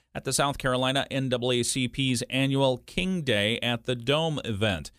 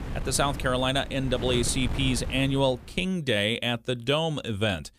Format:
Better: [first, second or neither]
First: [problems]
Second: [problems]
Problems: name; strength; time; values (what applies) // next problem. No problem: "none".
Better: first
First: none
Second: wind noise on the microphone; occasional gusts; until 3 s; 15 dB below the speech